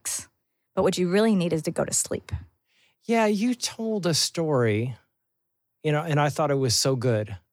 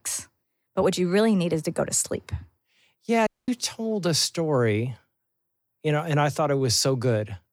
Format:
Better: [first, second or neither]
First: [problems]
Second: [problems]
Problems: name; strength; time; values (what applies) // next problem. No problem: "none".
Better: first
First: none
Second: audio cutting out; at 3.5 s